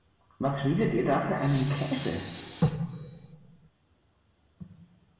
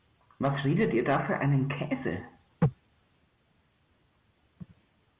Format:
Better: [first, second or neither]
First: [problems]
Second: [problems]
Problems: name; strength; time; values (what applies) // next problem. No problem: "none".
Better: second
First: background sound (Tools); 17 dB below the speech // room echo; dies away in 1.6 s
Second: none